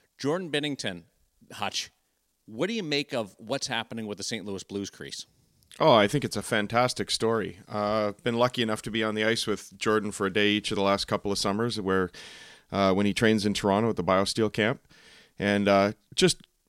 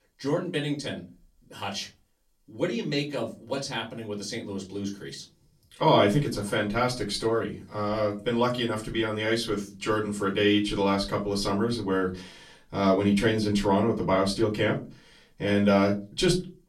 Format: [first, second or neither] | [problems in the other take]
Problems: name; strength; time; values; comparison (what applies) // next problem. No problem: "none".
first | off-mic speech; far // room echo; very slight; dies away in 0.3 s